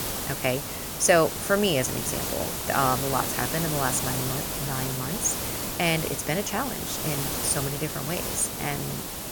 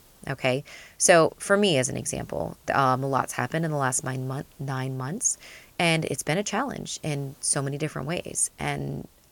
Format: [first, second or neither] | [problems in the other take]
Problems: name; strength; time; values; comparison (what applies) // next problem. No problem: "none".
second | hiss; loud; throughout; 2 dB below the speech; faint in the second